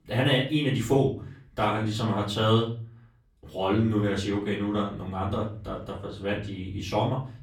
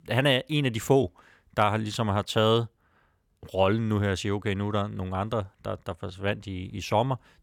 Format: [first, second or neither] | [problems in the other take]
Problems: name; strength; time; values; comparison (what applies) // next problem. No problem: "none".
second | off-mic speech; far // room echo; slight; dies away in 0.4 s